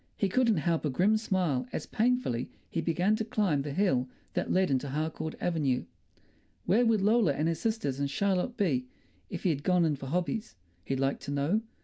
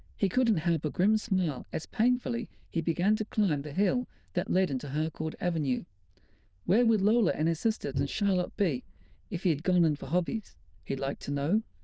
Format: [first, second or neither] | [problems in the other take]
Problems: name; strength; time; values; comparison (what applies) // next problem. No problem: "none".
first | noise reduction (neural diffusion model UNIVERSE++)